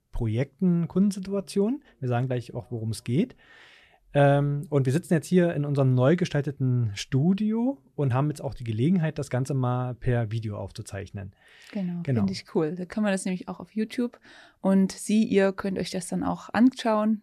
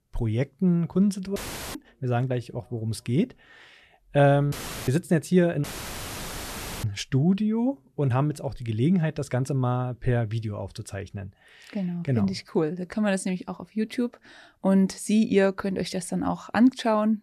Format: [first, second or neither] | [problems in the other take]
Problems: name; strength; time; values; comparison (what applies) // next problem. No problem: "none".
first | audio cutting out; filled with static; at 1.5 s, at 4.5 s and at 5.5 s for 1 s